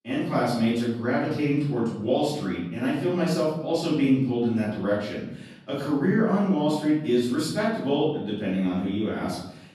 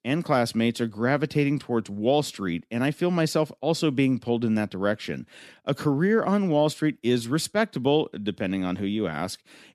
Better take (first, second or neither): second